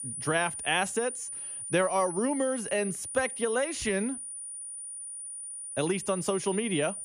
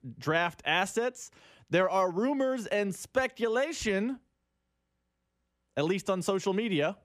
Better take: second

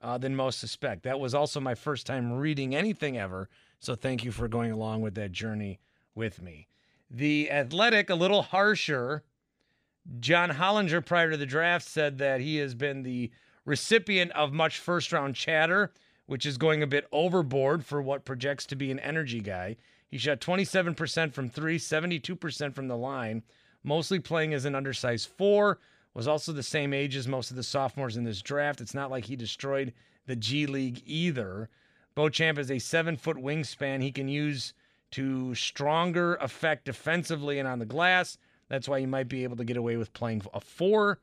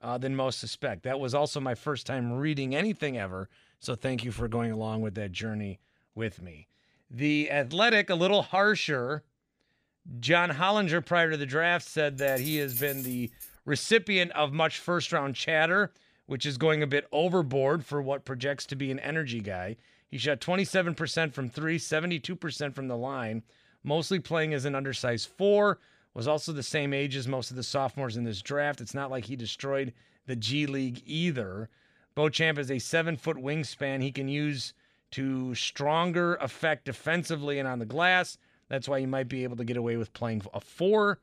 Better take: first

